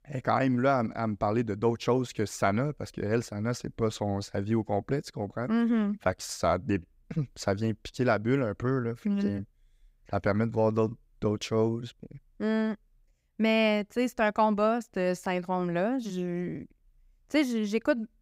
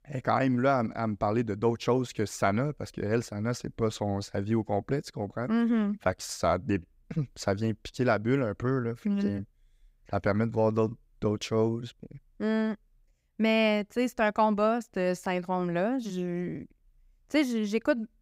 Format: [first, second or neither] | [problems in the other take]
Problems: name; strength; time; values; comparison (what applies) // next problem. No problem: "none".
neither | none